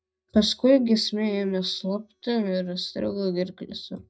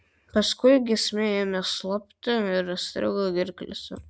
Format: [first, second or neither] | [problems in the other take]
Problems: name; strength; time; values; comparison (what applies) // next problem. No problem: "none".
second | noise reduction (neural mask model DeepFilterNet 3)